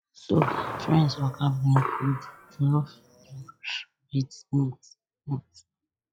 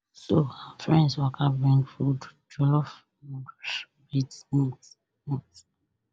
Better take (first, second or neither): second